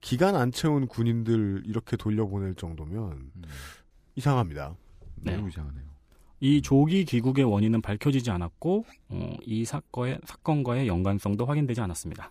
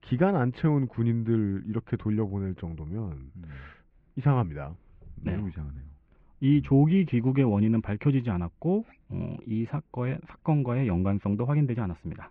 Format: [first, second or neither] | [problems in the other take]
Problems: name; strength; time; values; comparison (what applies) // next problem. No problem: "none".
first | muffled; very; fading above 2.5 kHz